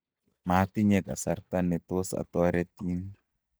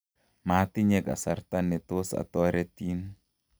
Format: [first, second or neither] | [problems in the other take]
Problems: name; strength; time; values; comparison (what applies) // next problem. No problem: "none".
second | noise reduction (neural mask model DeepFilterNet 3)